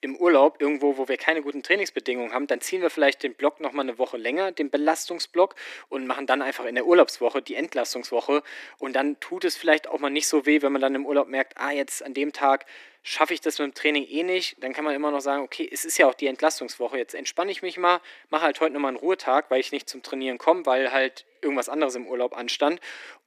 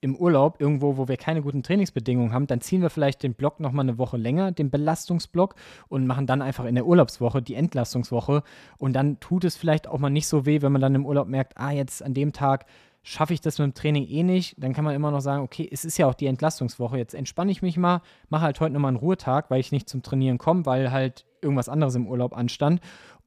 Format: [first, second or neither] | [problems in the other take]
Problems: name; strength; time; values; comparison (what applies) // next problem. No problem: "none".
second | thin; somewhat; fading below 300 Hz